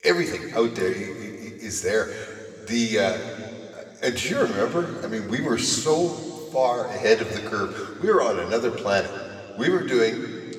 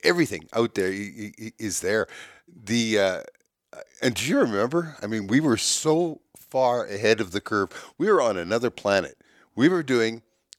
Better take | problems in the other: second | room echo; slight; dies away in 2.3 s // off-mic speech; somewhat distant

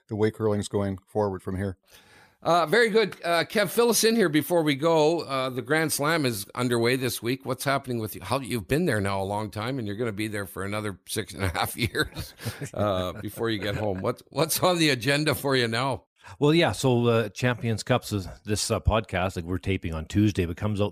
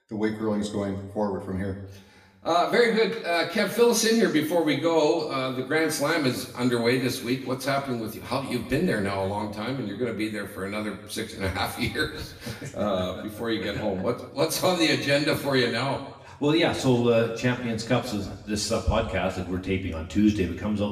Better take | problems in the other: first | room echo; slight; dies away in 0.9 s // off-mic speech; far

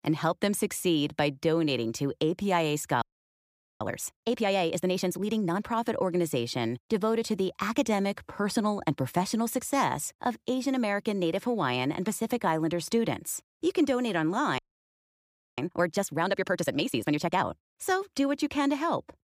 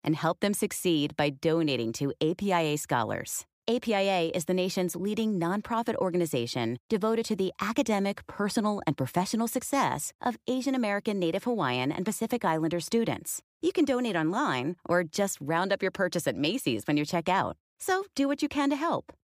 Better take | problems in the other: second | audio freezing; at 3 s for 1 s and at 15 s for 1 s

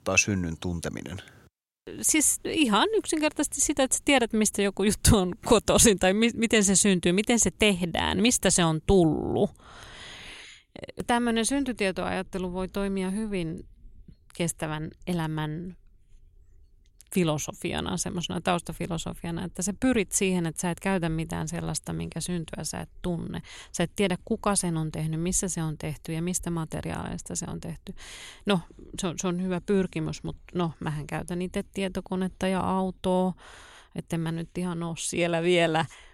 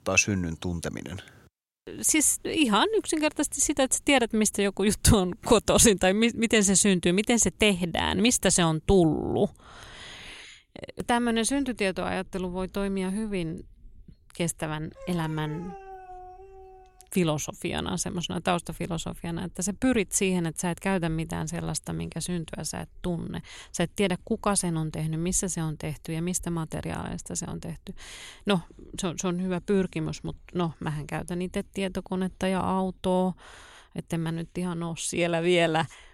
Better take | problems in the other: first | dog barking; faint; from 15 to 17 s; peak 15 dB below the speech

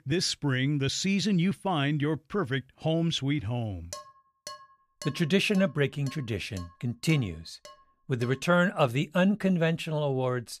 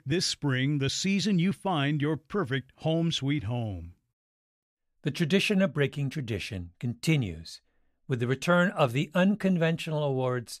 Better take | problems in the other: second | clattering dishes; faint; from 4 to 8.5 s; peak 15 dB below the speech

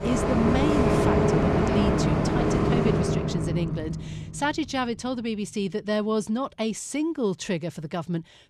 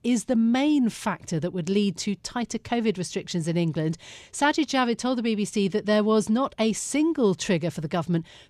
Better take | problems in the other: second | traffic noise; very loud; until 3 s; 5 dB above the speech

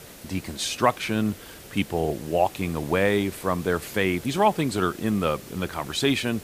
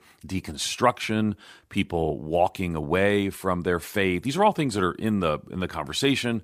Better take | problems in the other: second | hiss; noticeable; throughout; 15 dB below the speech

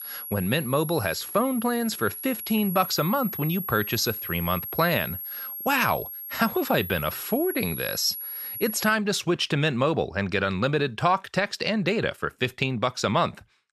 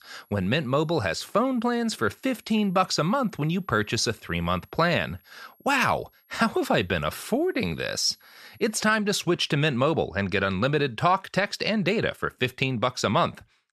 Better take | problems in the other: second | high-pitched whine; loud; until 9 s; 11.5 kHz, 7 dB below the speech; faint in the second

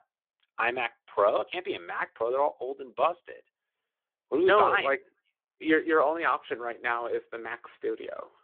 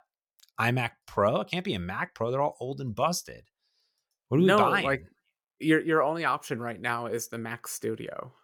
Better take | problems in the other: second | phone-call audio

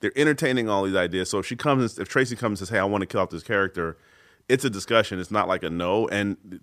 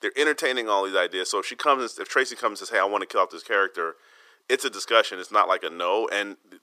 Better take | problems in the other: first | thin; very; fading below 400 Hz

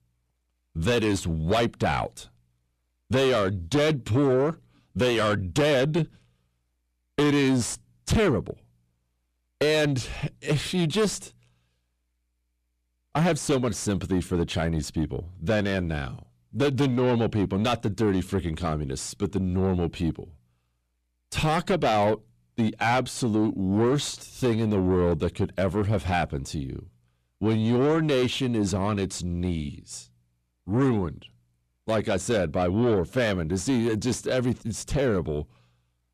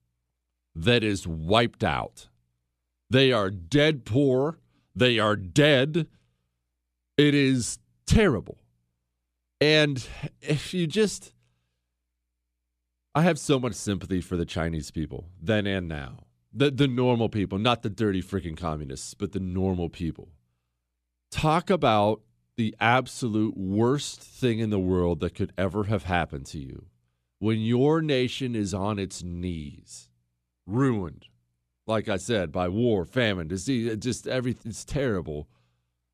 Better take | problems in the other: second | distortion; heavy; 7 dB below the speech

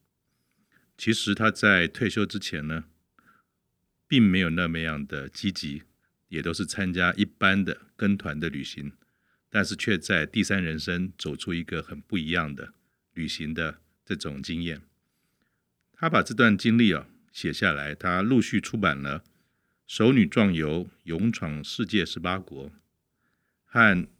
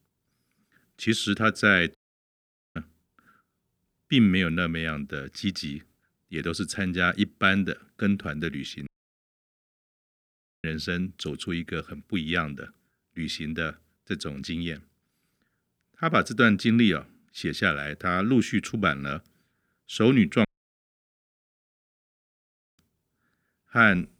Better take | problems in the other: first | audio cutting out; at 2 s for 1 s, at 9 s for 2 s and at 20 s for 2.5 s

